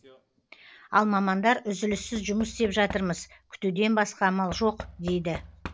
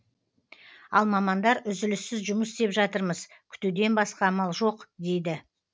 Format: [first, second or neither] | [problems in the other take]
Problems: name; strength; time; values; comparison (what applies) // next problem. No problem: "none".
second | background sound (Knock / Wood); 17 dB below the speech